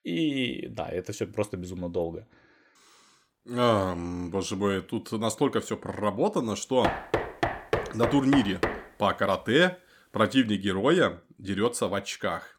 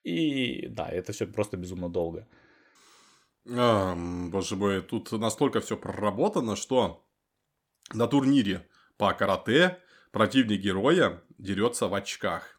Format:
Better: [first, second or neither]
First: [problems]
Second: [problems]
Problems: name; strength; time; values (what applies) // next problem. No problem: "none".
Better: second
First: door banging; noticeable; from 7 to 9 s; peak 1 dB below the speech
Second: none